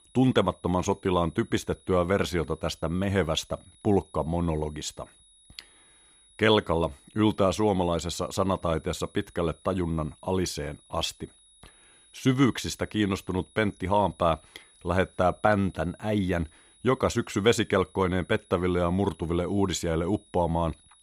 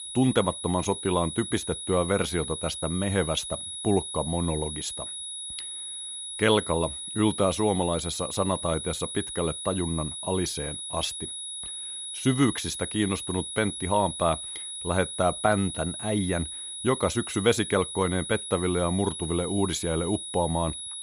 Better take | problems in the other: first | high-pitched whine; loud; throughout; 10 kHz, 6 dB below the speech; faint in the first

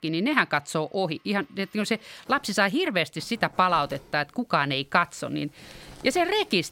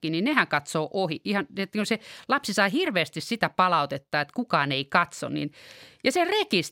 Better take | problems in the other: second | household noises; faint; throughout; 25 dB below the speech

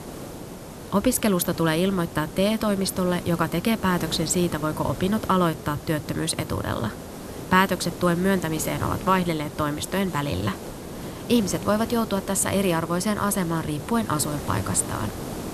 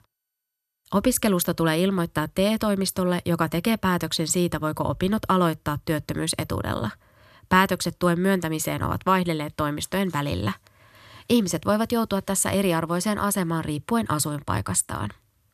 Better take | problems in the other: second | hiss; noticeable; throughout; 10 dB below the speech

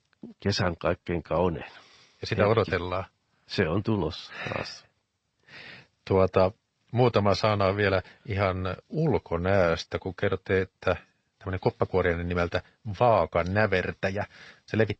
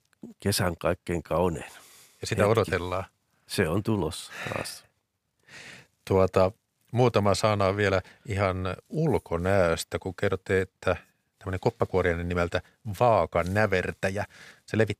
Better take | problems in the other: second | garbled, watery; slightly; nothing above 8 kHz

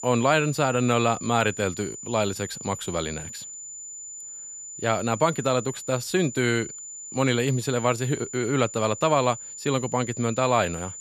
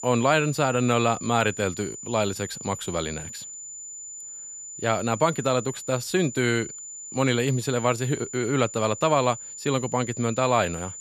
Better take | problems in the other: neither | high-pitched whine; noticeable; throughout; 7 kHz, 10 dB below the speech; the same in both

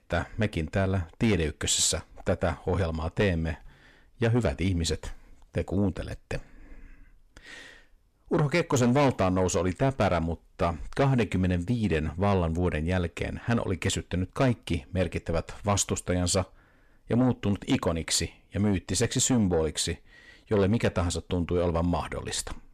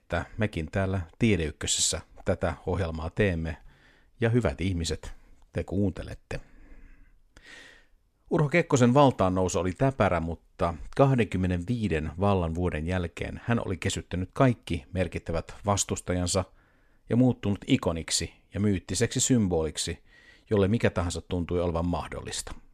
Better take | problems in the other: second | distortion; slight; 10 dB below the speech

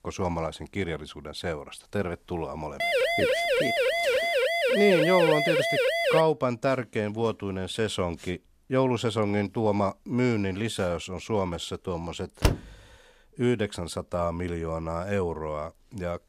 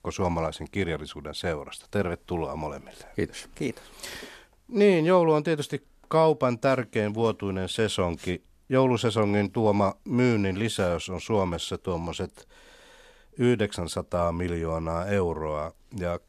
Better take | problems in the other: second | siren; loud; from 3 to 6 s; peak 5 dB above the speech // door banging; loud; at 12 s; peak 1 dB above the speech

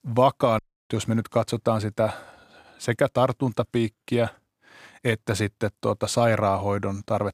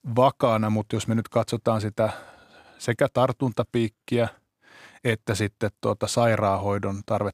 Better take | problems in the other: second | audio cutting out; at 0.5 s

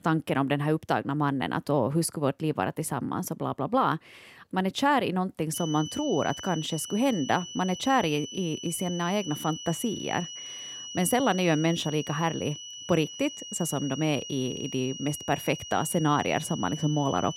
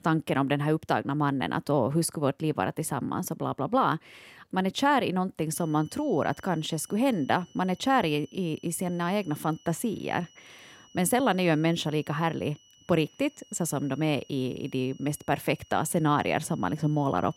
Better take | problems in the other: second | high-pitched whine; loud; from 5.5 s on; 3 kHz, 10 dB below the speech; faint in the second

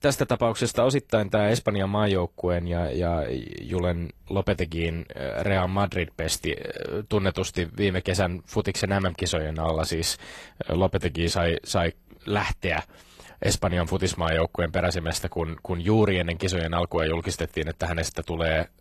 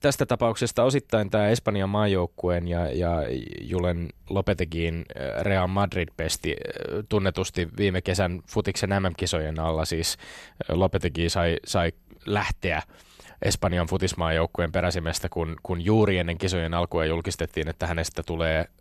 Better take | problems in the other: second | garbled, watery; slightly; nothing above 13.5 kHz

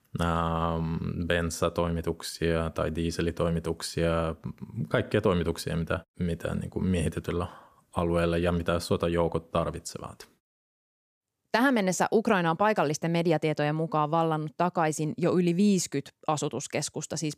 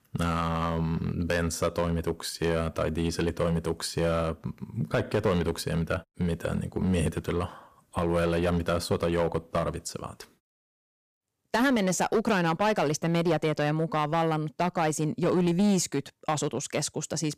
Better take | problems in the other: first | distortion; slight; 6% of the sound clipped

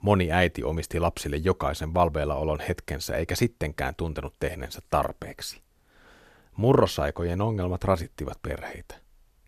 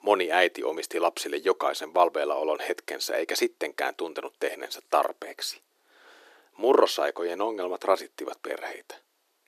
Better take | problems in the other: first | thin; very; fading below 350 Hz

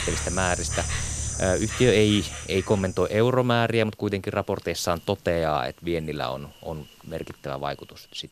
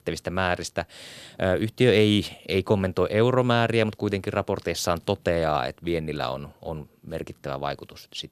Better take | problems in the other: second | animal sounds; loud; throughout; 6 dB below the speech

